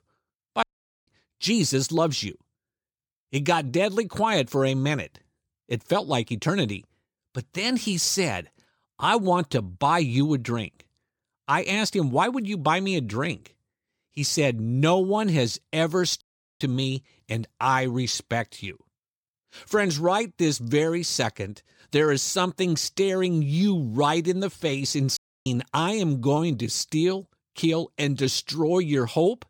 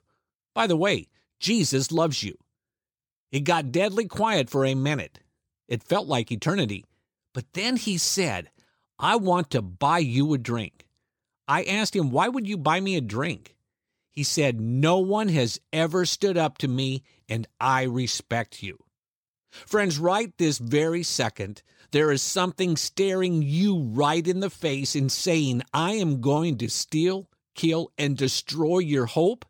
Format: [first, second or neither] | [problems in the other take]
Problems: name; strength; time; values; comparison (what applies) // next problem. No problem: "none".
second | audio cutting out; at 0.5 s, at 16 s and at 25 s